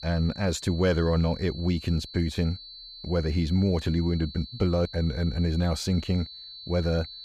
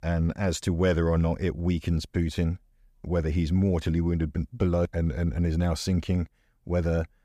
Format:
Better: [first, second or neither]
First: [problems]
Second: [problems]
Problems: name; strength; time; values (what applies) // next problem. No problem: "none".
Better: second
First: high-pitched whine; noticeable; throughout; 4 kHz, 15 dB below the speech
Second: none